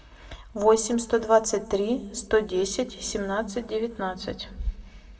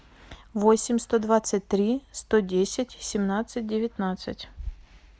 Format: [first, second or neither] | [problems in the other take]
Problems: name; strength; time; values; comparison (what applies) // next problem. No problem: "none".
second | room echo; dies away in 0.6 s